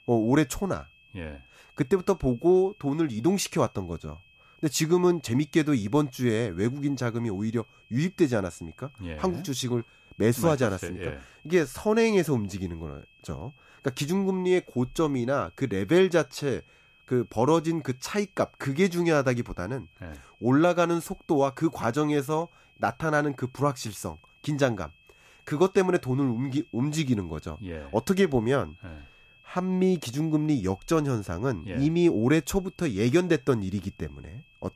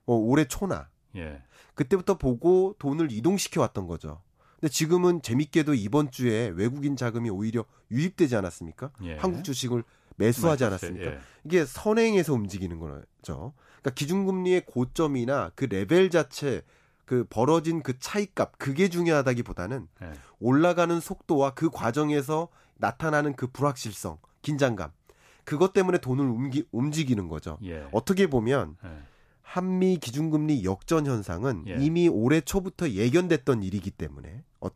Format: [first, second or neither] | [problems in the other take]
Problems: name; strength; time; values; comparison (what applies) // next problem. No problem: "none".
second | high-pitched whine; faint; throughout; 2.5 kHz, 30 dB below the speech